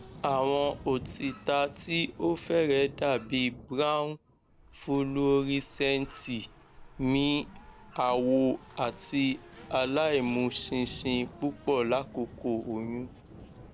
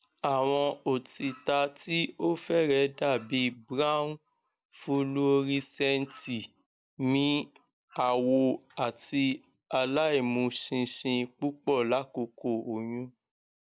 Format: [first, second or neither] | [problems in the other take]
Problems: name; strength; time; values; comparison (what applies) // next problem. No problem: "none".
second | background sound (Race car, auto racing + Thunder); 18 dB below the speech